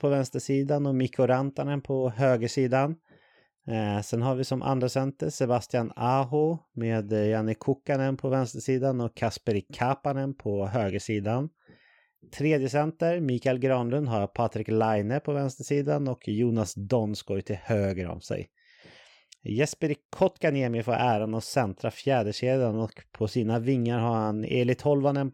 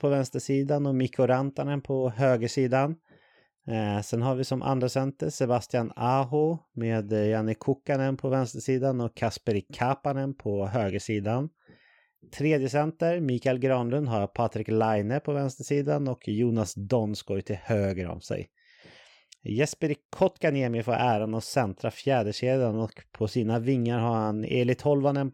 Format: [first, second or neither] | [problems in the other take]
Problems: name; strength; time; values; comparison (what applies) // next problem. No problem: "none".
neither | none